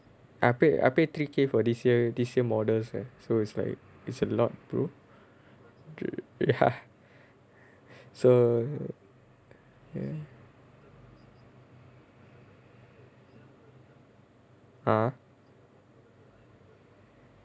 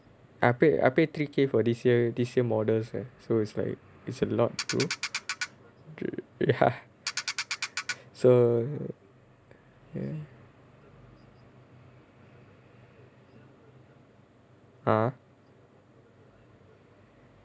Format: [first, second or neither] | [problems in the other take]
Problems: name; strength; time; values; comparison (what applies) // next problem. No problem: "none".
first | background sound (Ratchet, pawl); 5 dB below the speech